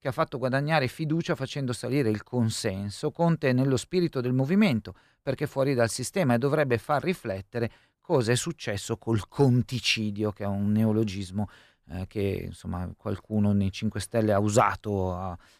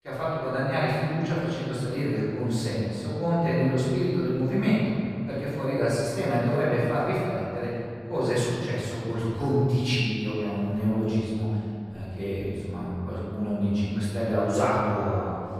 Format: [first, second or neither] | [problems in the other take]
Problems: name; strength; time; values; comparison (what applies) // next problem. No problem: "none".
first | off-mic speech; far // room echo; strong; dies away in 2.2 s